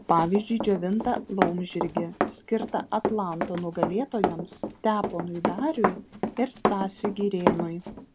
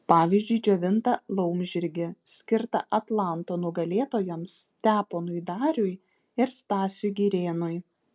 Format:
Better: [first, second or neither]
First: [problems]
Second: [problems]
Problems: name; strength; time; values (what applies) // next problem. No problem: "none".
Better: second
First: background sound (Run); 2 dB below the speech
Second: none